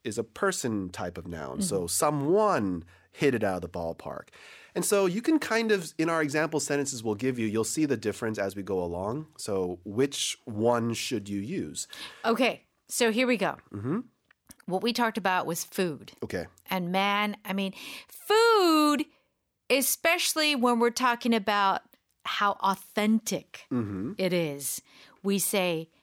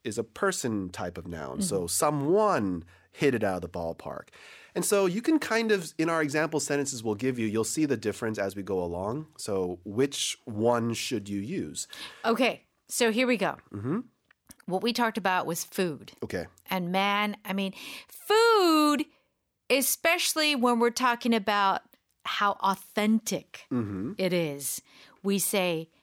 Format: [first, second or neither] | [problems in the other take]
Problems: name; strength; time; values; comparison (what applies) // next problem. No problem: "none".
neither | none